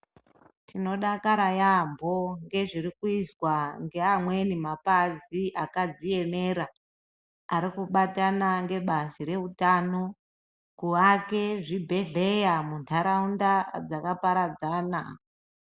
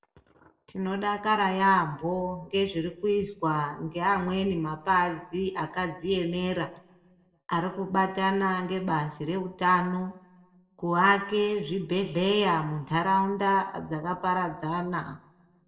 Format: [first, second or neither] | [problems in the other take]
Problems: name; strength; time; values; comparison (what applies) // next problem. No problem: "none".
first | room echo; dies away in 0.6 s